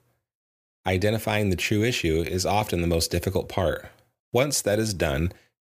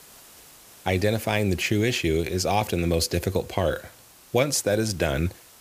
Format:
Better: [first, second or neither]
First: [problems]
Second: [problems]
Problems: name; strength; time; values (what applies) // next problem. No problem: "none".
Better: first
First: none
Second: hiss; faint; throughout; 25 dB below the speech